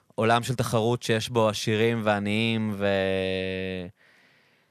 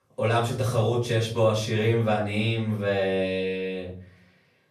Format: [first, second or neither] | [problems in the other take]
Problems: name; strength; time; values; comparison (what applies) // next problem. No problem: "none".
first | room echo; slight; dies away in 0.5 s // off-mic speech; far